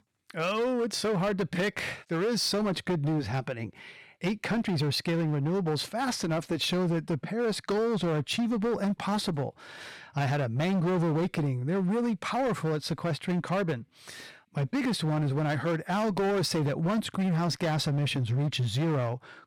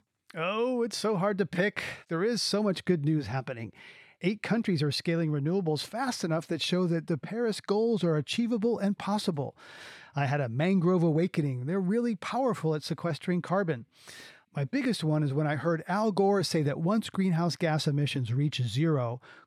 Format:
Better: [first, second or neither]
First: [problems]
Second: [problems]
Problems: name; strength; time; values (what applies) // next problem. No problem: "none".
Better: second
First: distortion; slight; 20% of the sound clipped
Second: none